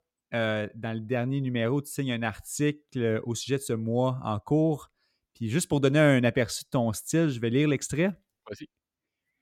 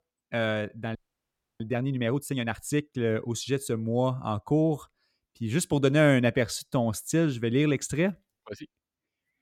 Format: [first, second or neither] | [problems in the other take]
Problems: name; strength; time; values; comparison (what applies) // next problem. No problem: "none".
first | audio freezing; at 1 s for 0.5 s